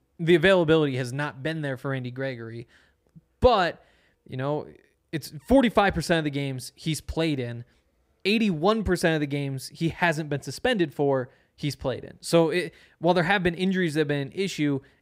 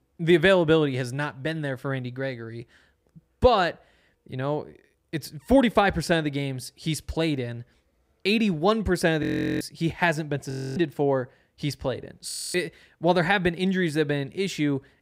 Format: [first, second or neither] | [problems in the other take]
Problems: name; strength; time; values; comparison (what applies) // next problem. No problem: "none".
first | audio freezing; at 9 s, at 11 s and at 12 s